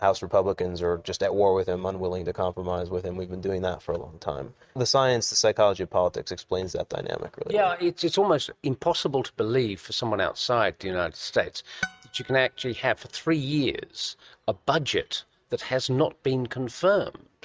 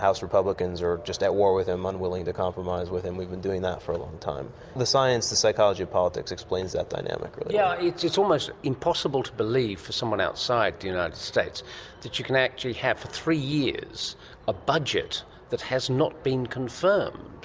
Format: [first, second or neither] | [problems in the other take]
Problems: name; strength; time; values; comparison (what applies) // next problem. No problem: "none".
second | noise reduction (neural mask model RNNoise)